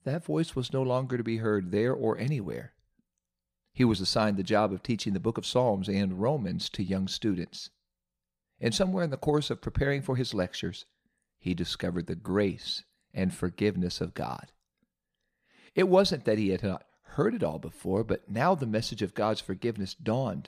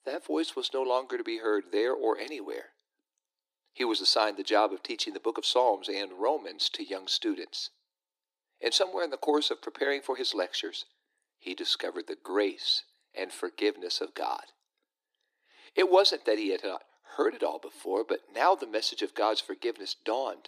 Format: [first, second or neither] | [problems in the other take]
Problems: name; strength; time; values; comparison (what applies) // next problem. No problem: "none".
first | thin; very; fading below 300 Hz